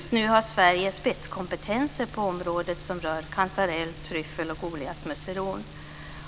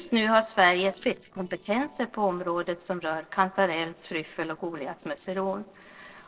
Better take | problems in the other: first | noise reduction (neural separator model SepFormer DNS4)

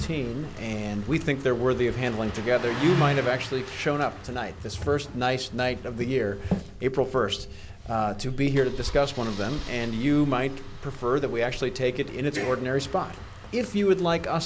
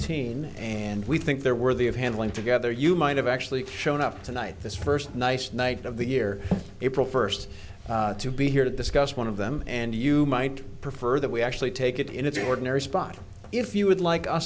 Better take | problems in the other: second | background sound (Engine starting); 13 dB below the speech

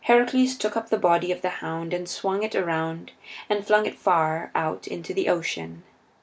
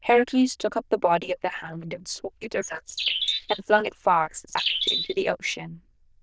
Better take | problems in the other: first | noise reduction (neural diffusion model UNIVERSE++)

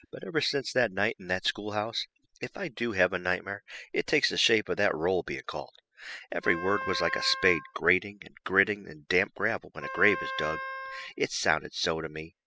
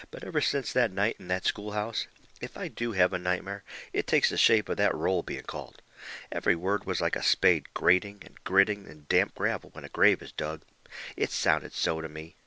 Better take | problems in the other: second | noise reduction (classical method spectral subtraction)

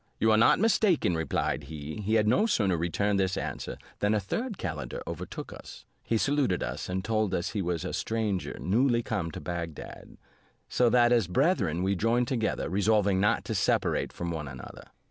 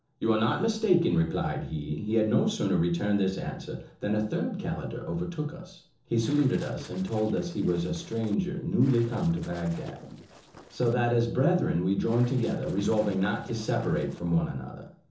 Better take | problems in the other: first | noise reduction (neural separator model SepFormer DNS4)

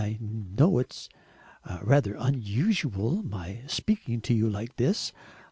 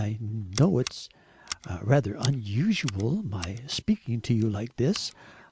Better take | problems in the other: first | background sound (Scissors); 17 dB below the speech

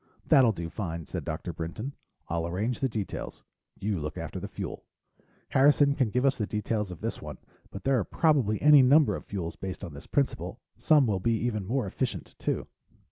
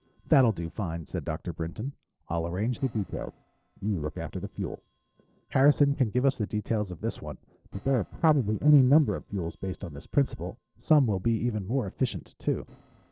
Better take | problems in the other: first | noise reduction (neural separator model SepFormer DNS4)

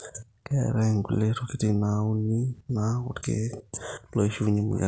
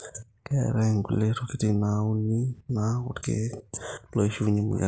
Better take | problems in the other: first | noise reduction (neural mask model Resemble Enhance denoiser)

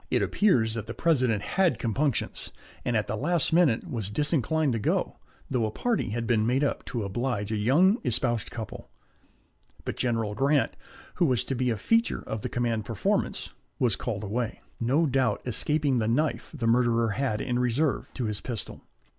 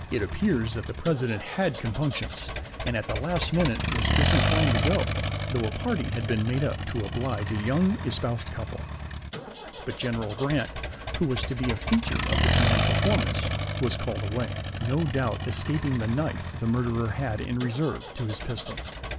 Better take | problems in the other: first | background sound (Accelerating, revving, vroom); 1 dB below the speech

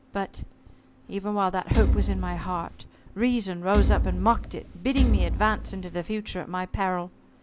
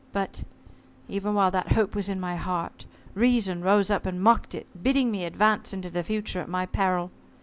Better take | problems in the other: second | background sound (Thump, thud); 3 dB above the speech

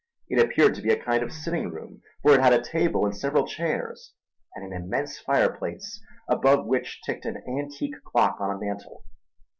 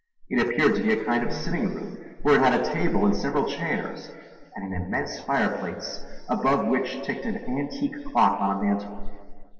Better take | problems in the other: first | room echo; dies away in 2 s

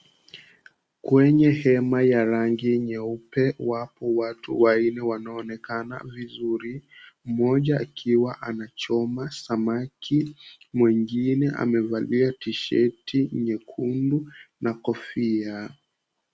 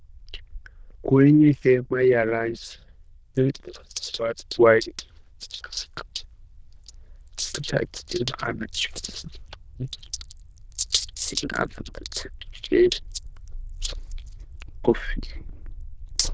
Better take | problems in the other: first | noise reduction (neural diffusion model UNIVERSE++)

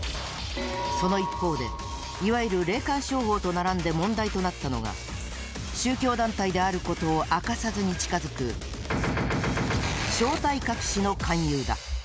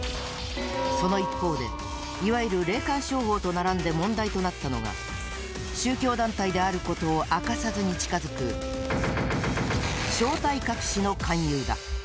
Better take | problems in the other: first | background sound (Bowed string instrument); 11 dB below the speech

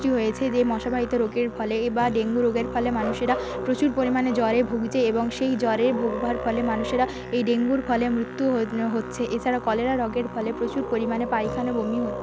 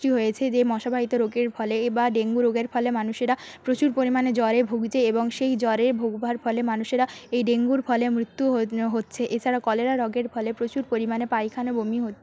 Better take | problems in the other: second | background sound (Musical instrument); 9 dB below the speech

